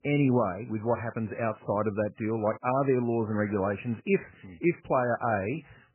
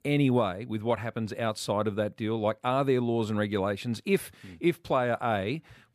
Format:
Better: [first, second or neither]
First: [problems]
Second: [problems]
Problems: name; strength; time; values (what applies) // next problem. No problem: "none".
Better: second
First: garbled, watery; badly; nothing above 2.5 kHz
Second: none